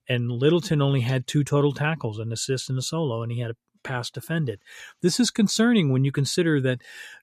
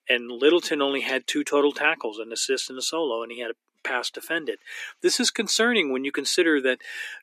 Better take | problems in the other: first | thin; somewhat; fading below 300 Hz

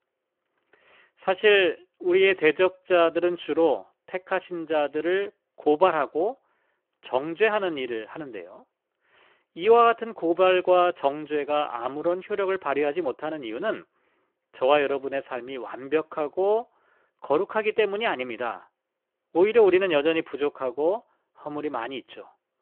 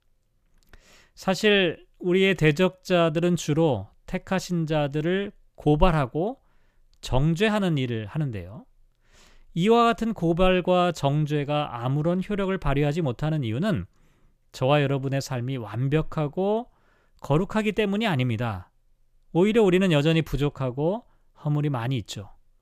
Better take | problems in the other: second | phone-call audio

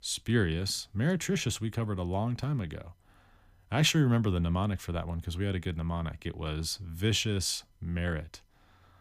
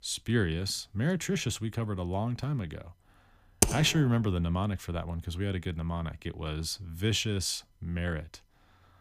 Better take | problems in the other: first | keyboard typing; loud; at 3.5 s; peak 4 dB above the speech

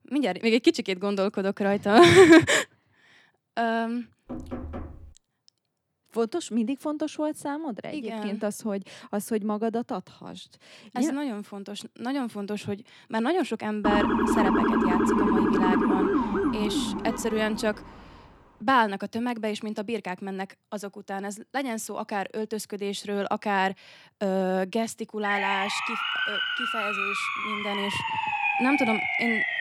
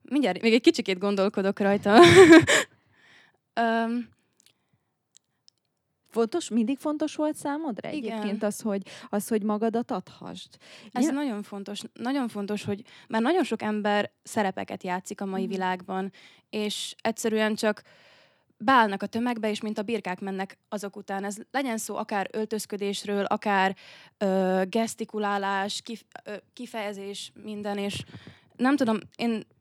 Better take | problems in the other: second | door banging; faint; at 4.5 s; peak 10 dB below the speech // siren; loud; from 14 to 18 s and from 25 s on; peak 4 dB above the speech

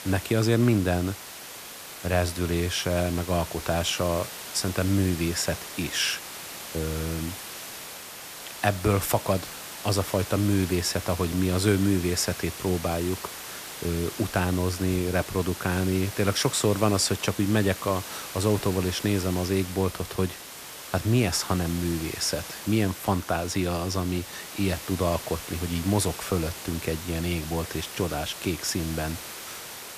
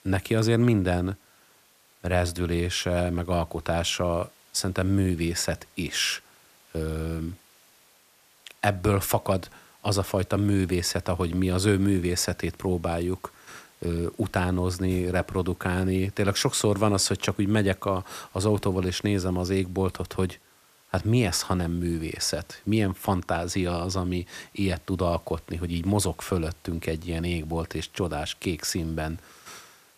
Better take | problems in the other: second | hiss; loud; throughout; 10 dB below the speech; faint in the second

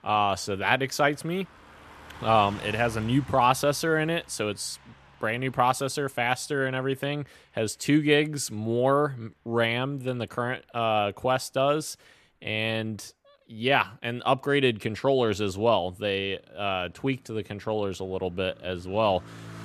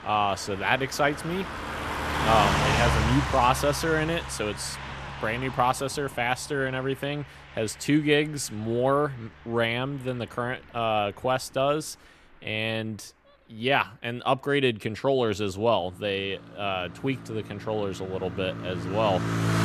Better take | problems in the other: first | traffic noise; loud; throughout; 4 dB below the speech; faint in the first

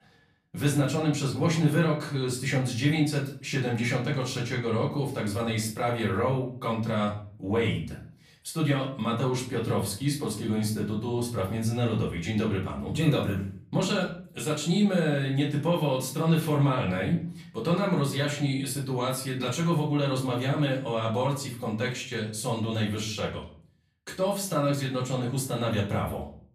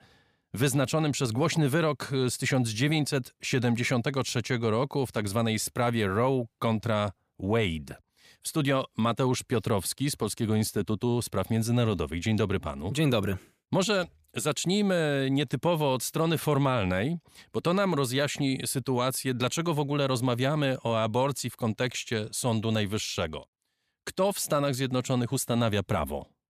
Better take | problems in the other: second | off-mic speech; far // room echo; slight; dies away in 0.4 s

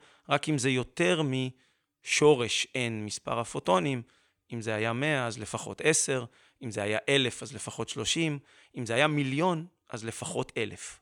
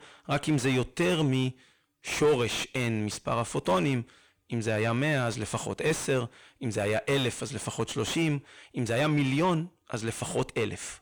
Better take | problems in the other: first | distortion; heavy; 5 dB below the speech

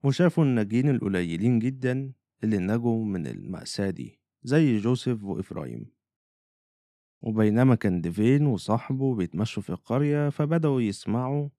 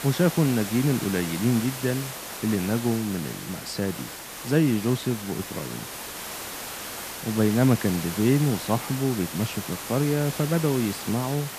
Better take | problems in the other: first | hiss; loud; throughout; 8 dB below the speech

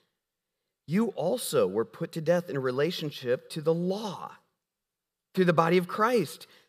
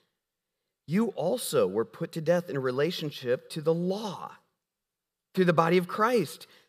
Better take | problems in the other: neither | none

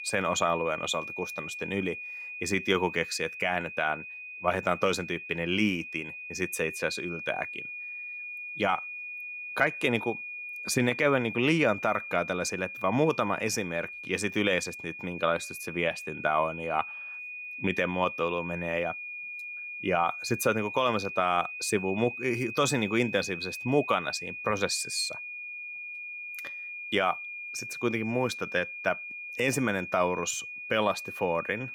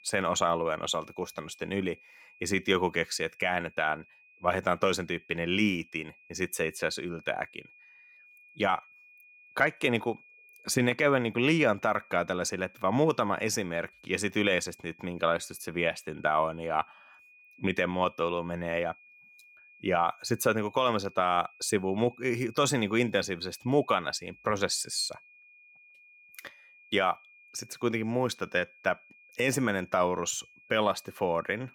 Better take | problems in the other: second | high-pitched whine; loud; throughout; 2.5 kHz, 8 dB below the speech; faint in the second

